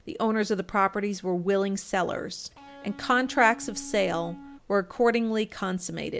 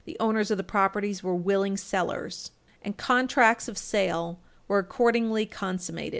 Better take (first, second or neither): second